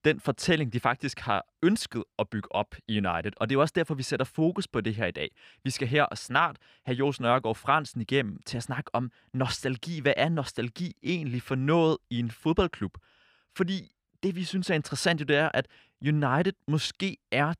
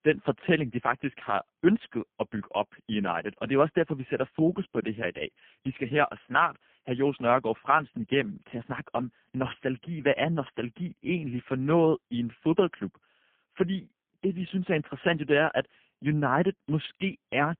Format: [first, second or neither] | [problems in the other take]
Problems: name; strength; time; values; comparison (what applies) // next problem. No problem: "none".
first | phone-call audio; poor line; nothing above 3.5 kHz